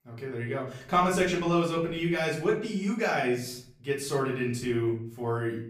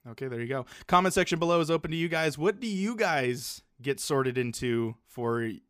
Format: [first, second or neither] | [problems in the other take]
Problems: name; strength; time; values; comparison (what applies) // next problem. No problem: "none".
second | room echo; slight; dies away in 0.5 s // off-mic speech; far